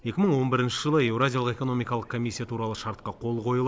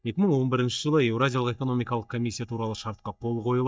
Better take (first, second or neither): first